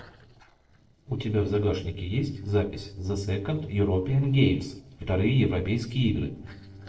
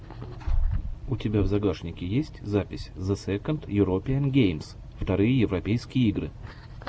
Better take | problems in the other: second | noise reduction (neural separator model SepFormer DNS4)

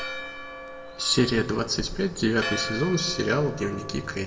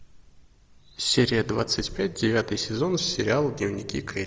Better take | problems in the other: second | background sound (Church bell); 10 dB below the speech // room echo; dies away in 1 s

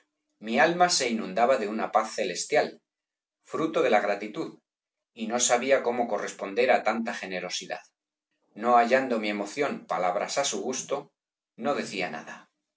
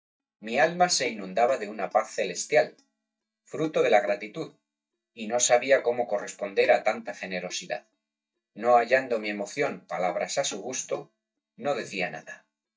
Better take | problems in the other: first | noise reduction (neural mask model DeepFilterNet 3)

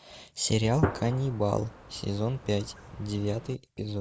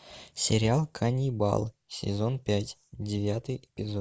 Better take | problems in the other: second | background sound (Gunshot, gunfire); 7 dB below the speech

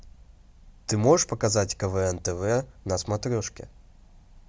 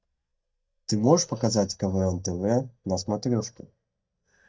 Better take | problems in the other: first | noise reduction (neural mask model DeepFilterNet 3)

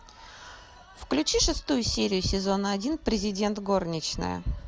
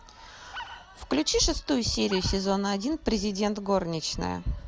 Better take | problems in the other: first | background sound (Animal); 15 dB below the speech

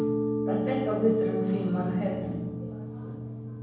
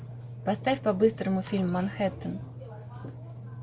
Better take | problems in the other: second | background sound (Mallet percussion); 2 dB below the speech // room echo; dies away in 1.1 s

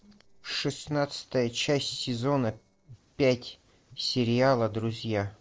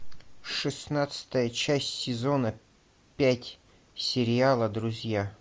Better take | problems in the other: second | noise reduction (neural separator model SepFormer DNS4)

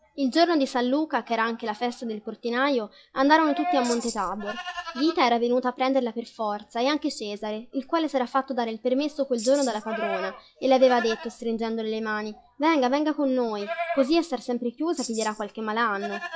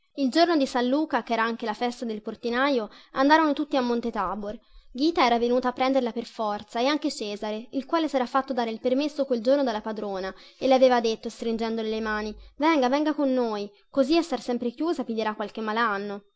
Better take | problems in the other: second | noise reduction (classical method log-MMSE)

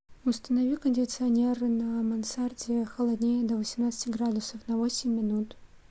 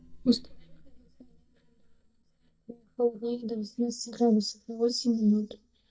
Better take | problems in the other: first | noise reduction (neural mask model DeepFilterNet 3)

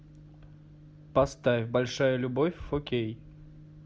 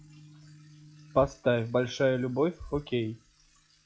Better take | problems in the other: first | noise reduction (classical method log-MMSE)

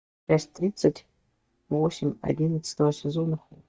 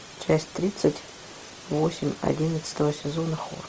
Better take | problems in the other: second | noise reduction (neural mask model DeepFilterNet 3)

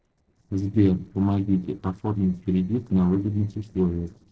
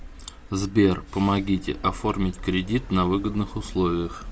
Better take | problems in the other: second | noise reduction (neural separator model SepFormer DNS4)

